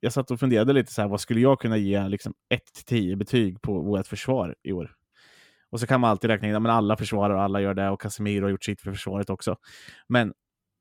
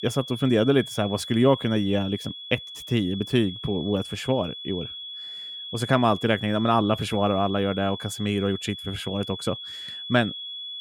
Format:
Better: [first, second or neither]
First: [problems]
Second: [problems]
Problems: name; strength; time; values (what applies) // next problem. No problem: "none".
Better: first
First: none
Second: high-pitched whine; noticeable; throughout; 3.5 kHz, 10 dB below the speech